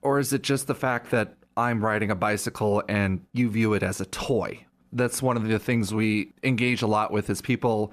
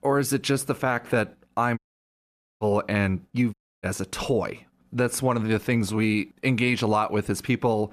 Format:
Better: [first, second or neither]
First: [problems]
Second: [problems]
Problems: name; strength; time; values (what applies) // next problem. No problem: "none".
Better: first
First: none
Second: audio cutting out; at 2 s for 1 s and at 3.5 s